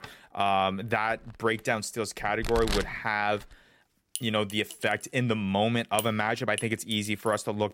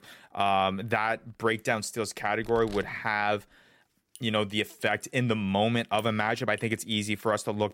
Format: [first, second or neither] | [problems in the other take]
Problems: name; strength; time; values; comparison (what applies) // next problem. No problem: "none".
second | household noises; loud; throughout; 10 dB below the speech; faint in the second